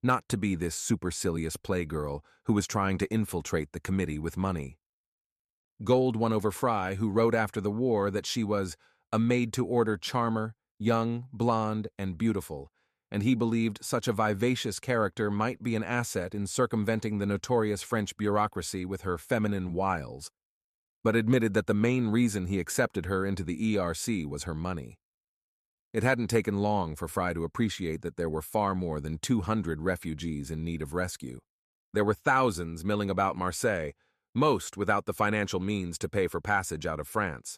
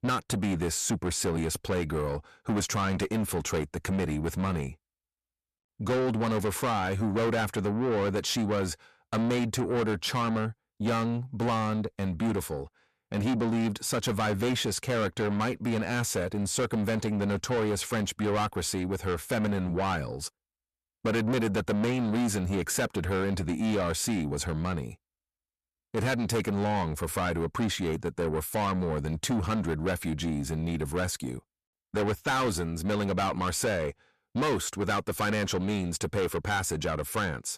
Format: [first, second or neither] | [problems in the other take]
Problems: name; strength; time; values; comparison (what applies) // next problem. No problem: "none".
first | distortion; heavy; 7 dB below the speech